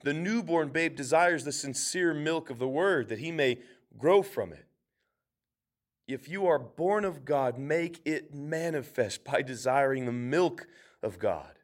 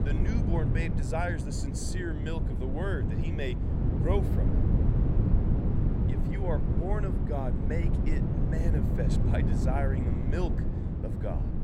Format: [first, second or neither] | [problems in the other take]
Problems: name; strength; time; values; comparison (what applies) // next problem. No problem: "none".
first | wind noise on the microphone; heavy; 2 dB below the speech